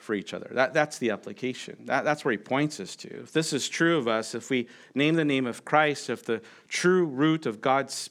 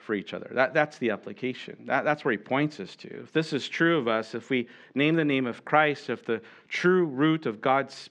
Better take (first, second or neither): first